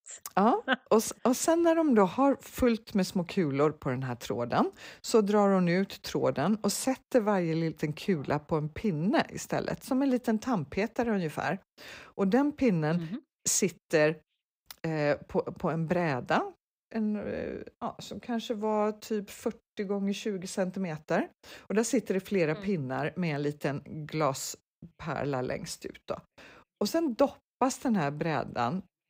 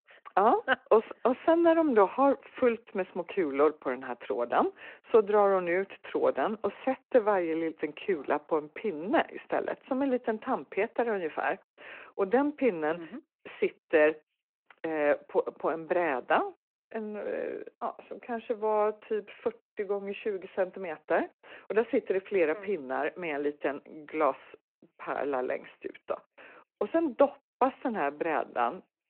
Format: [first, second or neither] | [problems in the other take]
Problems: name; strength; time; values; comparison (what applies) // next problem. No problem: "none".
first | phone-call audio